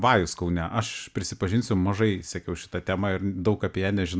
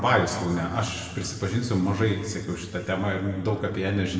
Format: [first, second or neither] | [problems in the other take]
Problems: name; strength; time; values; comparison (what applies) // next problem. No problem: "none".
first | room echo; dies away in 2 s